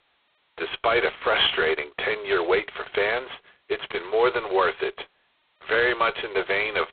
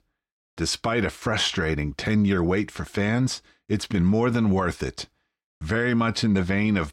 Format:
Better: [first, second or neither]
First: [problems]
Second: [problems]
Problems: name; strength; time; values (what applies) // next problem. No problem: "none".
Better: second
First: phone-call audio; poor line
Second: none